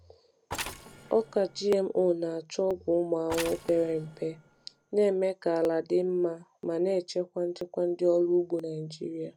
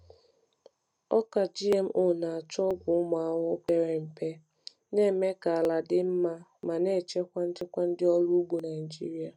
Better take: second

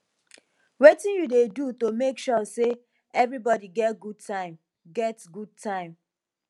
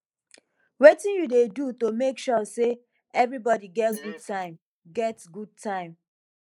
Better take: first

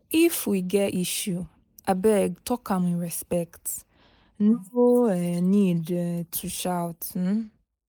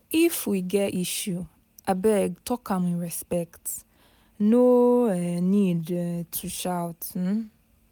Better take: second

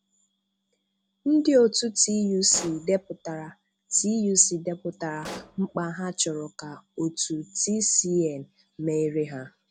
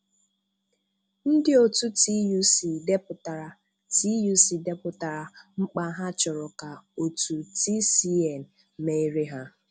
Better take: second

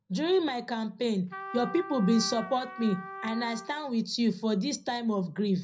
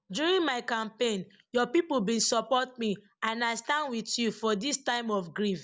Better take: second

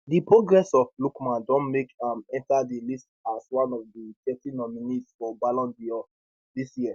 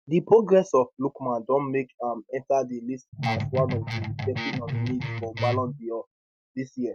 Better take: first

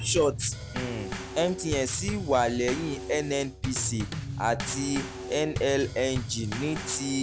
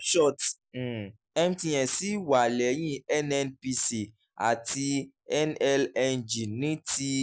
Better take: second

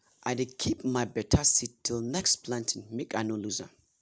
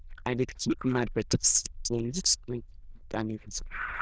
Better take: first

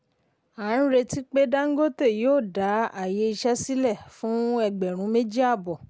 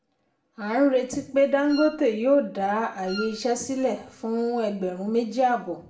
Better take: first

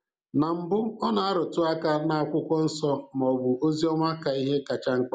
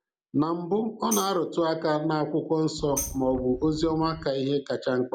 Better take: first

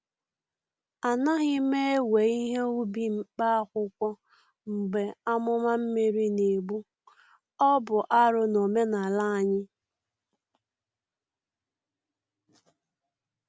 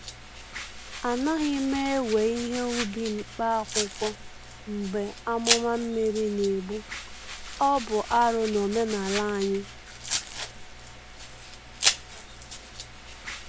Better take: first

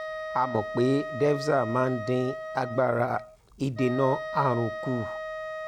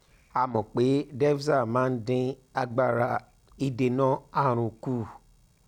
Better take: second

